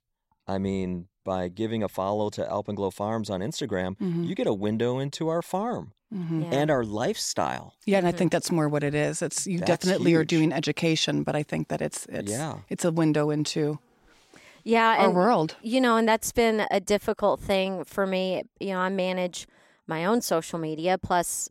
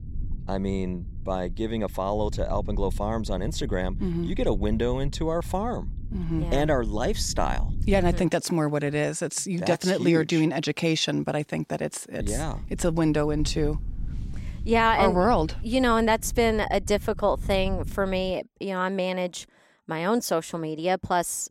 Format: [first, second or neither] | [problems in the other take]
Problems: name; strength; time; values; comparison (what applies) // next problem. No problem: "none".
first | low rumble; faint; until 8 s and from 12 to 18 s; 25 dB below the speech